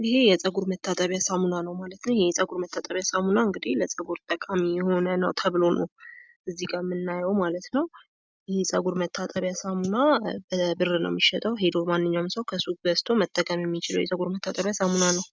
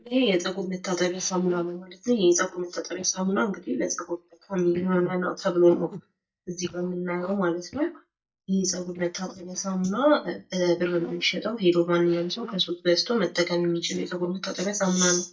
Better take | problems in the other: first | noise reduction (neural mask model DeepFilterNet 3)

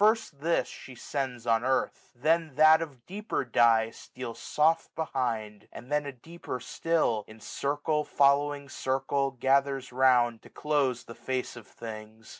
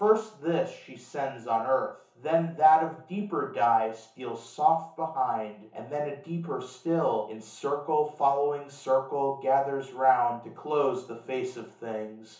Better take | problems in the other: first | room echo; dies away in 0.7 s

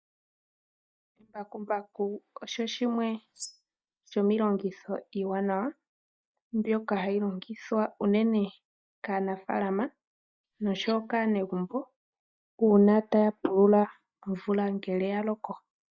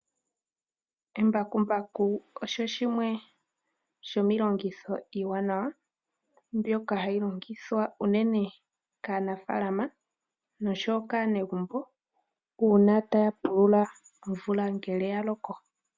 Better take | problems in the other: second | noise reduction (neural mask model DeepFilterNet 3)

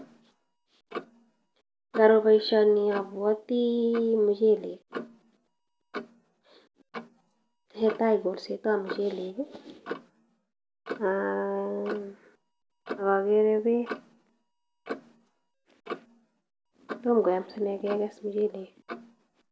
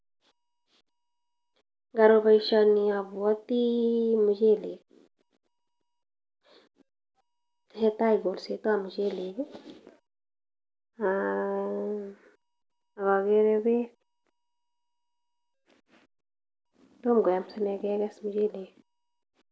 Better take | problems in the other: second | background sound (Clock); 15 dB below the speech

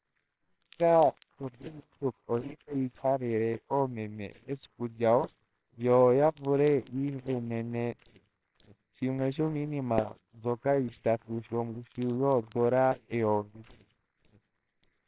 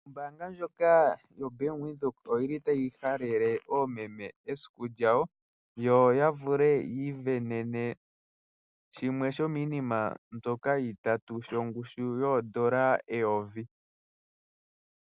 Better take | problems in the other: second | noise reduction (neural separator model SepFormer WHAMR!)

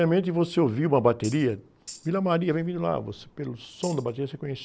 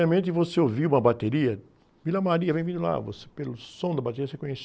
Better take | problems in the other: second | background sound (Tambourine); 19 dB below the speech

